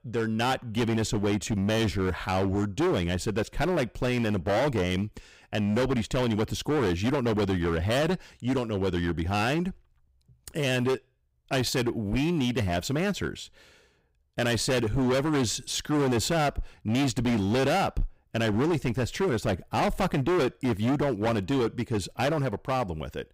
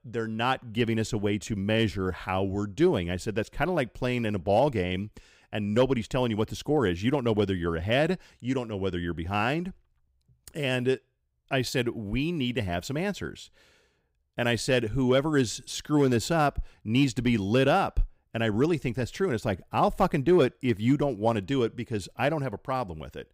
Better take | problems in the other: second | distortion; heavy; 20% of the sound clipped

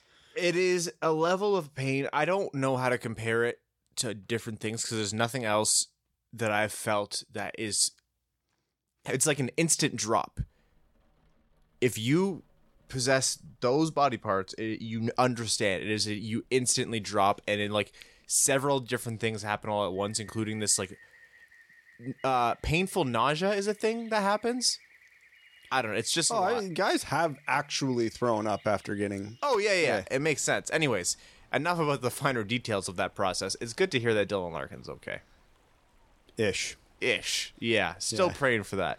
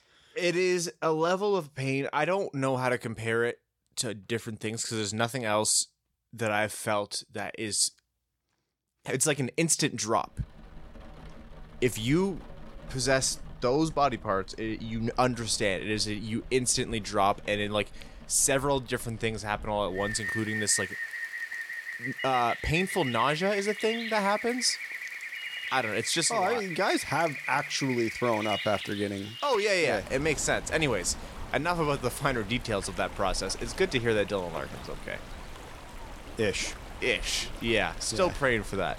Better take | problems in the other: first | rain or running water; loud; from 10 s on; 9 dB below the speech; faint in the first

